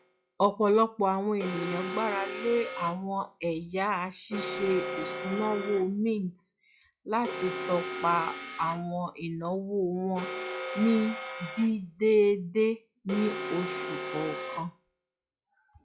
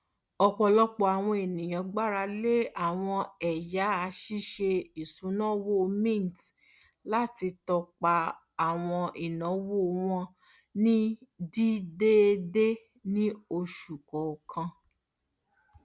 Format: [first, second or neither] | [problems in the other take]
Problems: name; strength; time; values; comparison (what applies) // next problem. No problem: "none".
second | noise reduction (classical method log-MMSE)